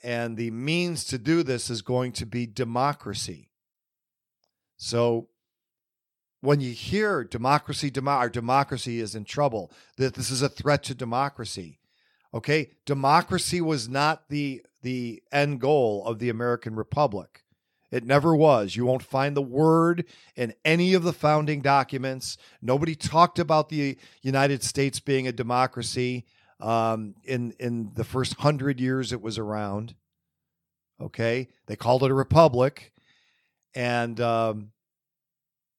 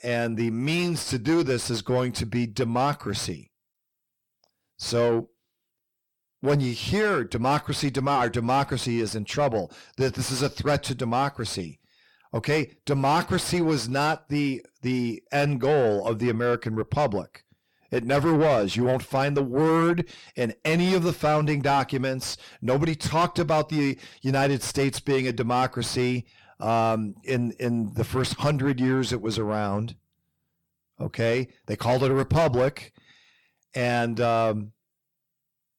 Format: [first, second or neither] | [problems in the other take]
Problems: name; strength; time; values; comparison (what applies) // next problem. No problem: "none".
first | distortion; heavy; 6 dB below the speech